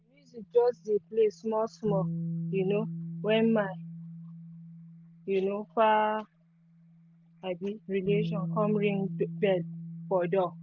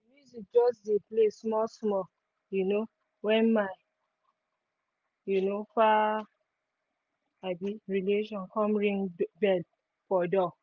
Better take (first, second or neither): second